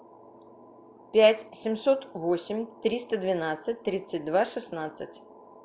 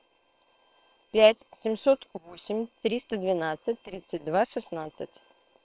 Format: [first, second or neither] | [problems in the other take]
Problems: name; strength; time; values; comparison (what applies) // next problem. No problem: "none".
first | noise reduction (neural separator model SepFormer WHAM!)